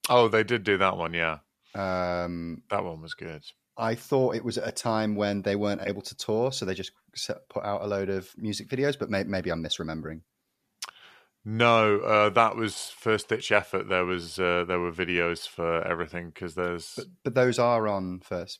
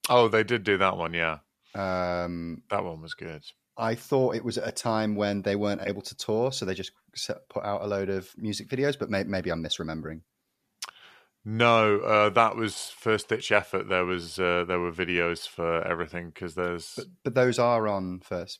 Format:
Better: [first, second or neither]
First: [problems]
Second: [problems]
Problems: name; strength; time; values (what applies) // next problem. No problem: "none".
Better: neither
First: none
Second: none